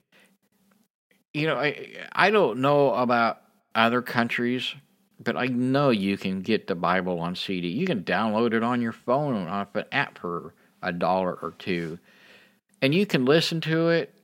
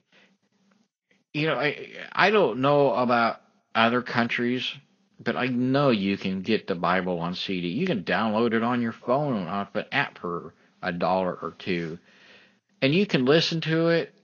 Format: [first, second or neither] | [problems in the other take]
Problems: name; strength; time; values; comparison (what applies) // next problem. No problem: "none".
first | garbled, watery; slightly; nothing above 6.5 kHz